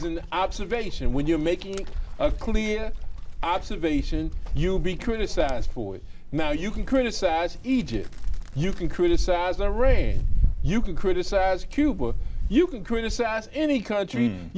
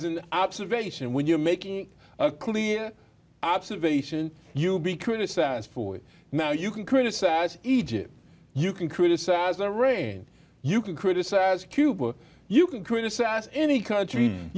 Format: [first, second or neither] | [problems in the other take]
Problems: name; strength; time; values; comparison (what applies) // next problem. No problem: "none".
second | background sound (Wind); 1 dB above the speech